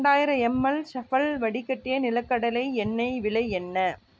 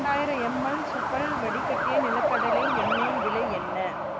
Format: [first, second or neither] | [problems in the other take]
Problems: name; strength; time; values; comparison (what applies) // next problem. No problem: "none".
first | background sound (Truck); 4 dB above the speech